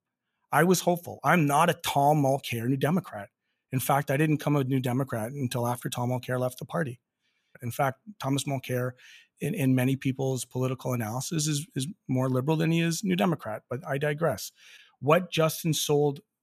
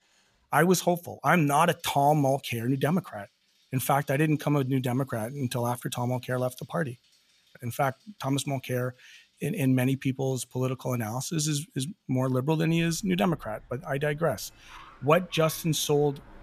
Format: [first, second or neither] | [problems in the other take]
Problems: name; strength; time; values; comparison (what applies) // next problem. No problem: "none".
first | traffic noise; faint; throughout; 30 dB below the speech